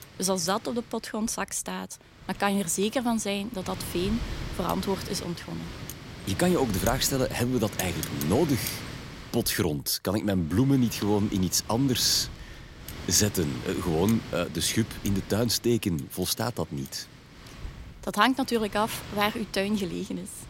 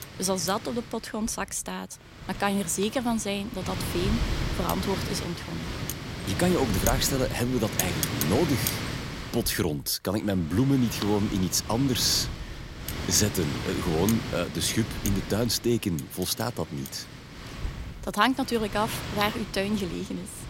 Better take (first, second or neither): first